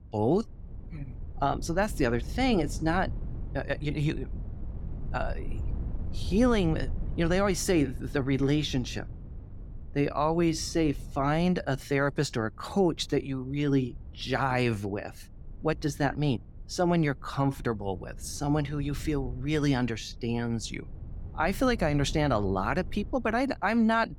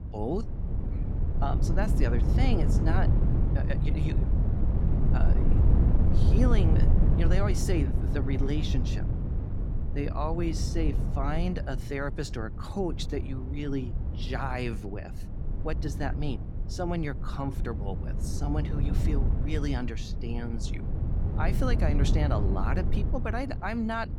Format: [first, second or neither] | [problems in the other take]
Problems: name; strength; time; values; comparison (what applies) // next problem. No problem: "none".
first | wind noise on the microphone; heavy; 5 dB below the speech; occasional gusts in the first